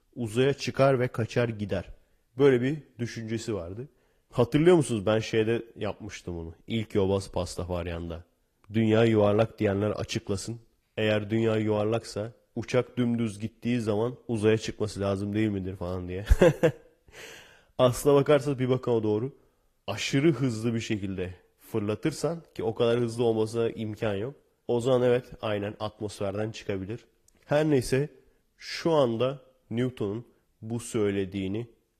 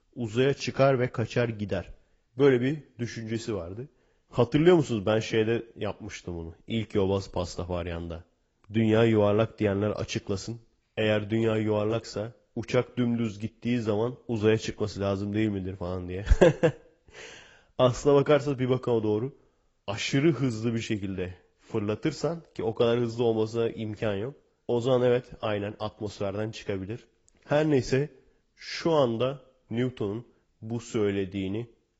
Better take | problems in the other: first | garbled, watery; badly; nothing above 7.5 kHz; slightly in the first

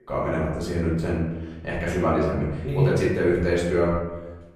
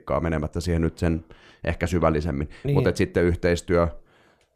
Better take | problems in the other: second | room echo; noticeable; dies away in 0.9 s // off-mic speech; far

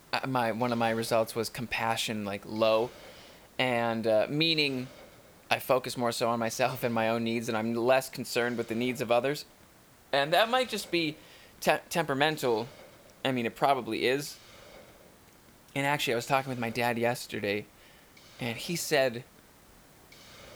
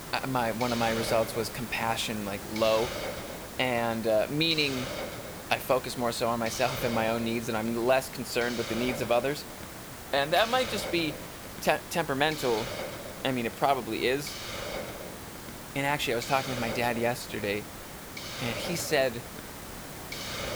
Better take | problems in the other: first | hiss; loud; throughout; 9 dB below the speech; faint in the first

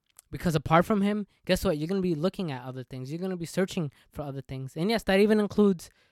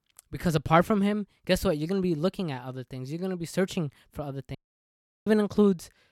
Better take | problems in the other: first | audio cutting out; at 4.5 s for 0.5 s

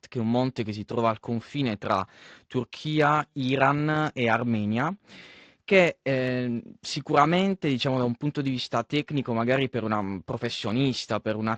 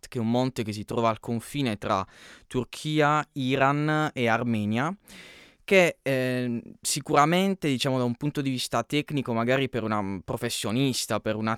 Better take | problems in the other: second | garbled, watery; slightly

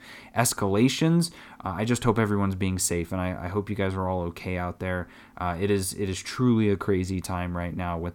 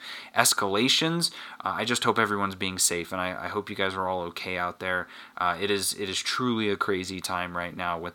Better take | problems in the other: first | thin; somewhat; fading below 600 Hz

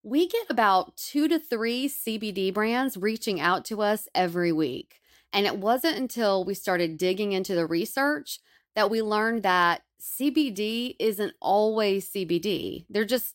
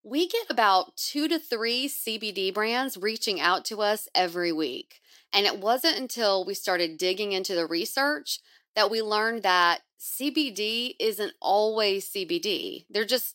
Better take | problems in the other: first | thin; very slightly; fading below 350 Hz

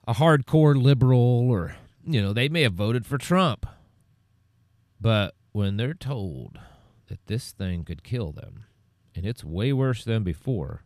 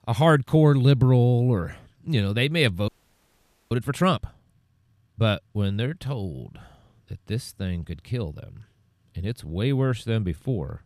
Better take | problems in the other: first | audio freezing; at 3 s for 1 s

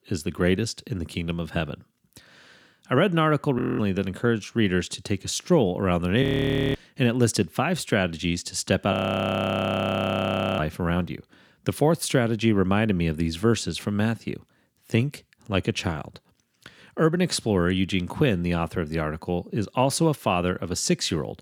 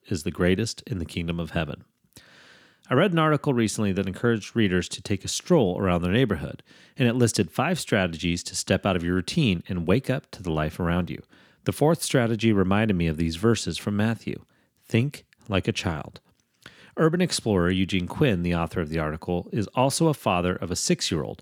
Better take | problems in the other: second | audio freezing; at 3.5 s, at 6 s for 0.5 s and at 9 s for 1.5 s

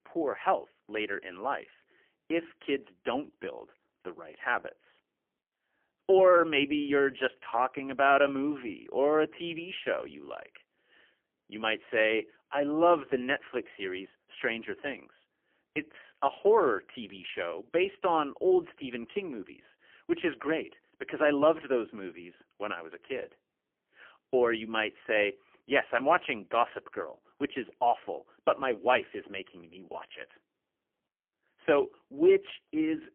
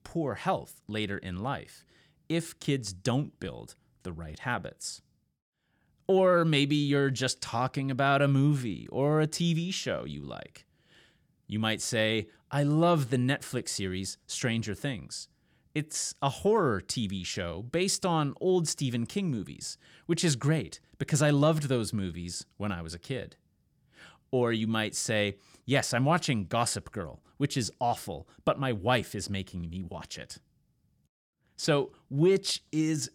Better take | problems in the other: second | phone-call audio; poor line; nothing above 3 kHz

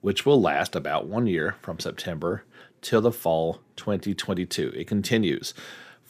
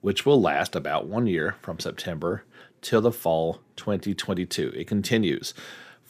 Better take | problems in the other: neither | none

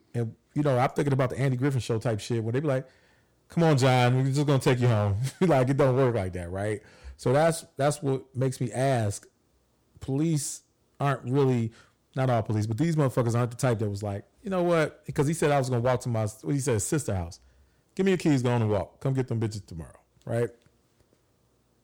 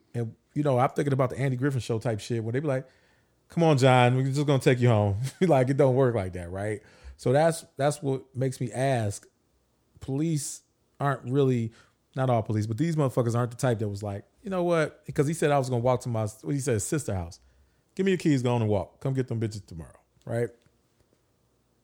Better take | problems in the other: second | distortion; slight; 5% of the sound clipped

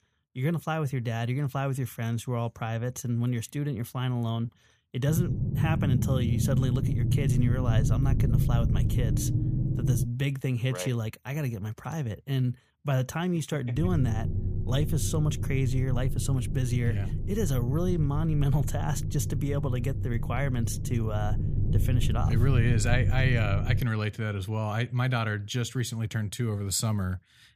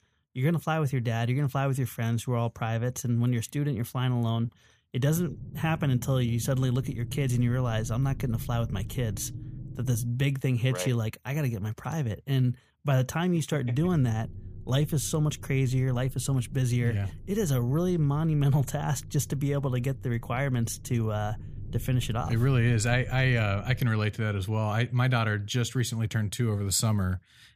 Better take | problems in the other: second | low rumble; loud; from 5 to 10 s and from 14 to 24 s; 7 dB below the speech; faint in the second

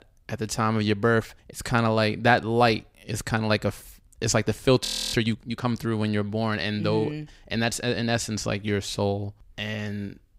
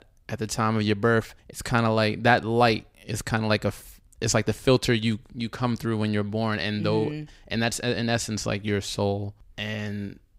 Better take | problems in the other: second | audio freezing; at 5 s

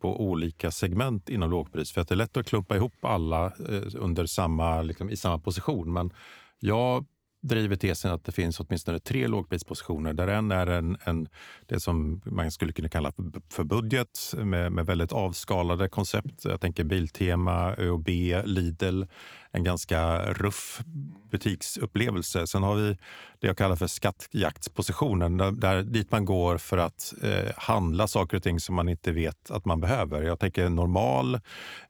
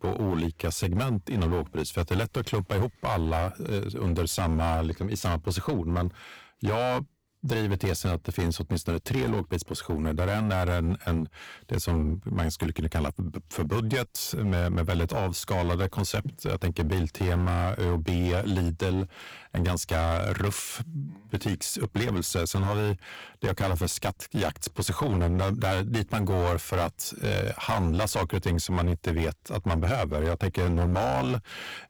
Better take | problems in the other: first | distortion; heavy; 12% of the sound clipped

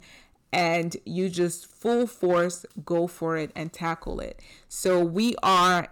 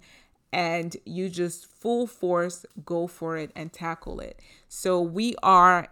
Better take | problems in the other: second | distortion; heavy; 6% of the sound clipped

